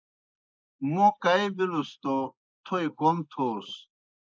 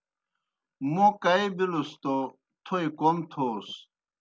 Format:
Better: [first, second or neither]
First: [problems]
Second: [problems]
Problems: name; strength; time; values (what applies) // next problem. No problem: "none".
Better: second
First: noise reduction (neural mask model Resemble Enhance denoiser)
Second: none